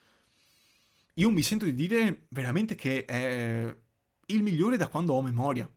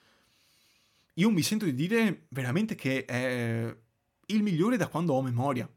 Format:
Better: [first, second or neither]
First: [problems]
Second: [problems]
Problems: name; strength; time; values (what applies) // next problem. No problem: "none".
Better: second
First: garbled, watery; slightly; nothing above 17 kHz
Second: none